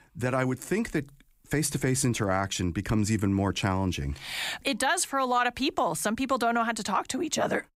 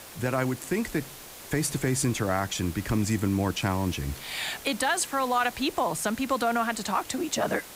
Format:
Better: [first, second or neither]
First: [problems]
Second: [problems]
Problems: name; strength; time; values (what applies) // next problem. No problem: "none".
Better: first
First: none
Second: hiss; noticeable; throughout; 15 dB below the speech